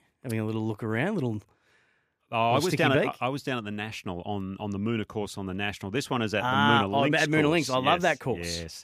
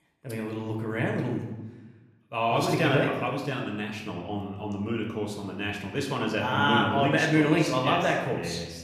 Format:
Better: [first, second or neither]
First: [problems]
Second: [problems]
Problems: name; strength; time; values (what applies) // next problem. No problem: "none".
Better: first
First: none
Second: room echo; noticeable; dies away in 0.9 s // off-mic speech; somewhat distant